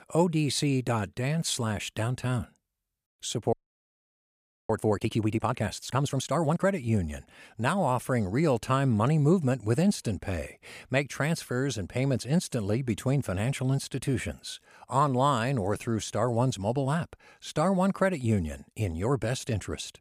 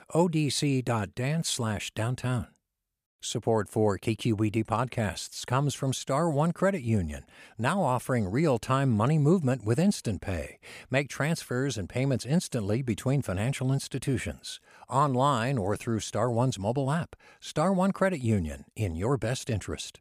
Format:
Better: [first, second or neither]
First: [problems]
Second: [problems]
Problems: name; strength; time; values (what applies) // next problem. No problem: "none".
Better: second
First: audio freezing; at 3.5 s for 1 s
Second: none